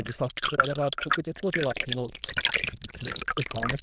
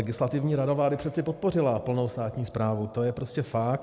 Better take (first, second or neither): second